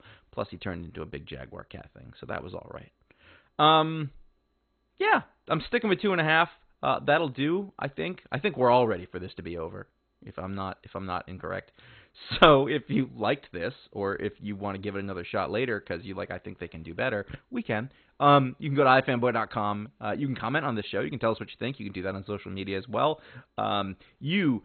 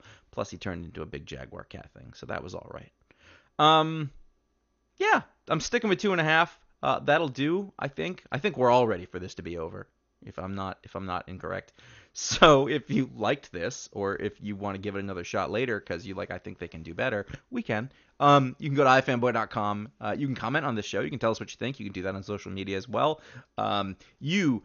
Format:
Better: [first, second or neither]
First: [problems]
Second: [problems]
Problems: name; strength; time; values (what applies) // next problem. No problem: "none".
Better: second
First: garbled, watery; badly; nothing above 4 kHz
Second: garbled, watery; slightly; nothing above 6.5 kHz